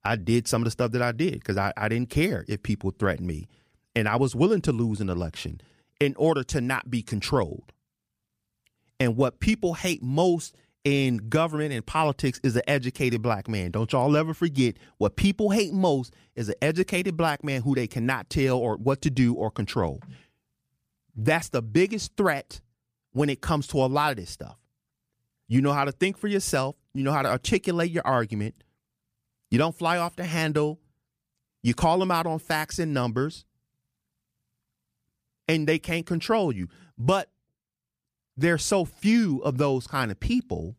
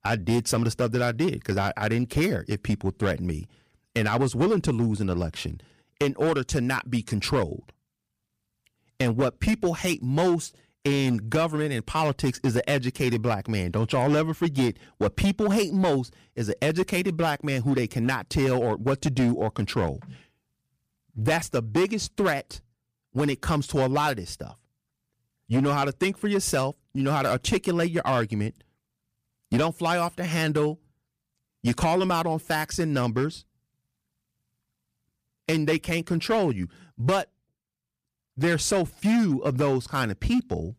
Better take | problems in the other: first | distortion; slight; 6% of the sound clipped

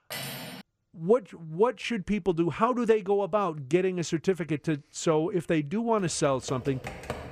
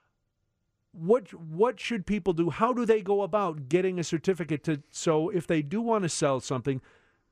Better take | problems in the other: second | clattering dishes; noticeable; at the start; peak 8 dB below the speech // keyboard typing; noticeable; from 6 s on; peak 10 dB below the speech

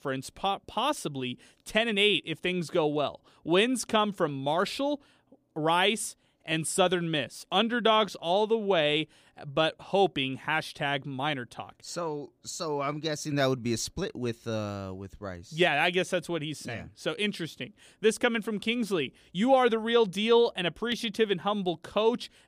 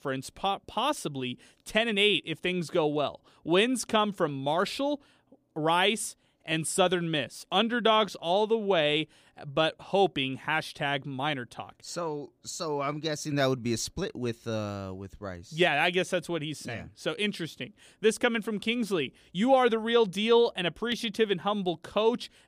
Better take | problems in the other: neither | none

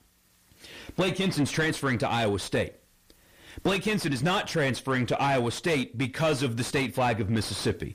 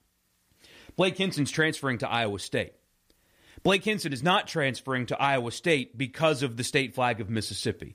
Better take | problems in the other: second | distortion; heavy; 6 dB below the speech

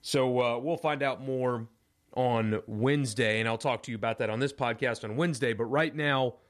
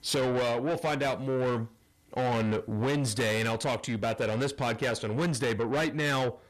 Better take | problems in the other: first | distortion; heavy; 7 dB below the speech

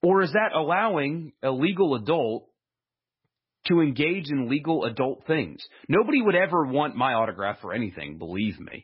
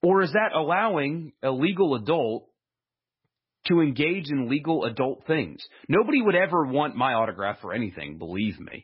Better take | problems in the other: neither | garbled, watery; badly; nothing above 5 kHz; the same in both

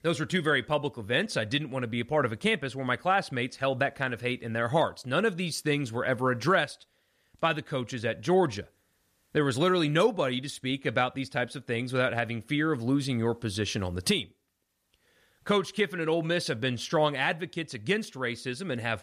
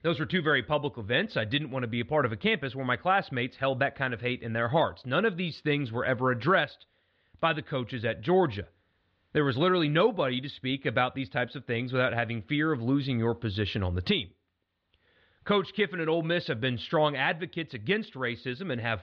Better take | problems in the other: first | muffled; slightly; fading above 4 kHz

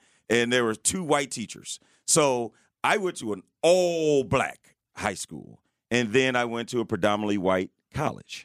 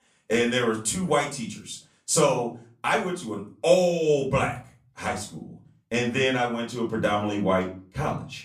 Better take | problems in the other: first | off-mic speech; far // room echo; slight; dies away in 0.4 s

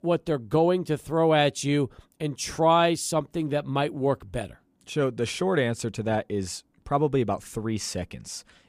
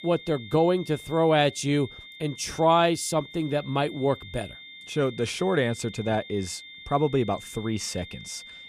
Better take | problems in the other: first | high-pitched whine; noticeable; throughout; 2 kHz, 15 dB below the speech

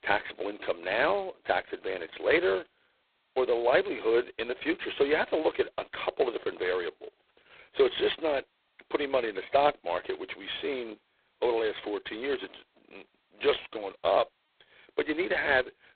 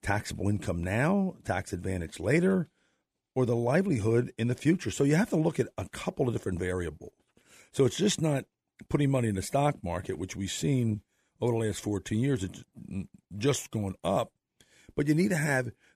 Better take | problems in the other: second | phone-call audio; poor line; nothing above 4 kHz

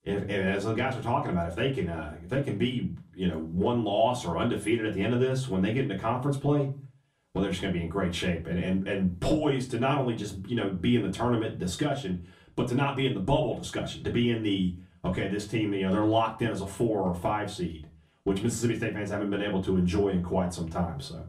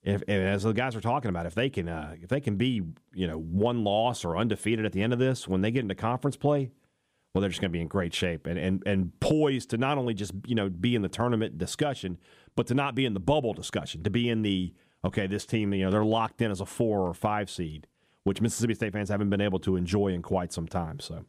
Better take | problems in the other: second | off-mic speech; far // room echo; very slight; dies away in 0.3 s

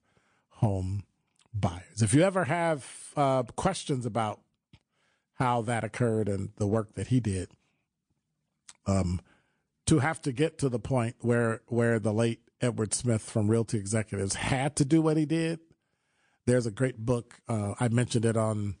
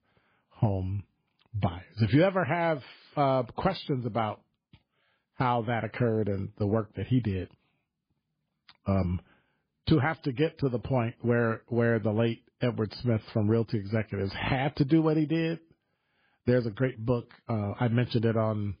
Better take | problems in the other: first | garbled, watery; badly; nothing above 5 kHz; slightly in the first

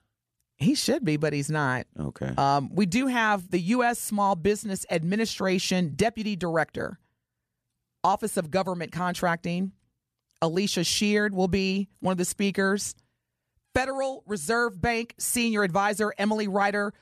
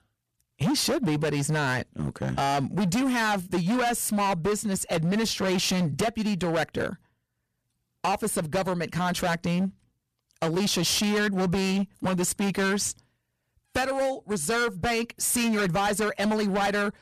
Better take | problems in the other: first | distortion; heavy; 21% of the sound clipped

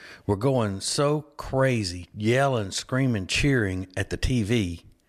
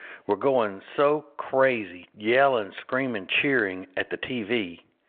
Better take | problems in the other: first | phone-call audio

